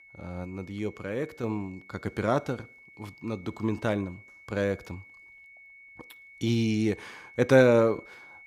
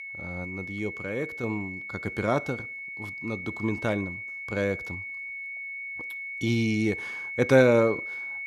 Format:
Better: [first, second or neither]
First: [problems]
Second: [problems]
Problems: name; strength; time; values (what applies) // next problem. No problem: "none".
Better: first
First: high-pitched whine; faint; throughout; 2 kHz, 20 dB below the speech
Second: high-pitched whine; loud; throughout; 2 kHz, 7 dB below the speech